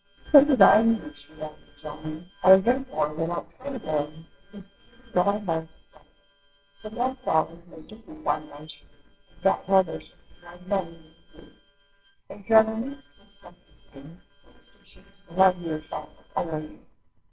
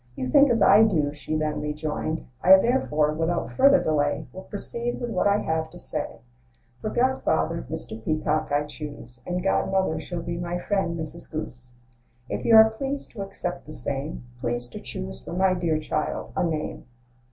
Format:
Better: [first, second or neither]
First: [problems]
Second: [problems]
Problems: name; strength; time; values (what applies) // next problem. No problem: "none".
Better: second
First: noise reduction (neural separator model SepFormer WHAMR!)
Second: none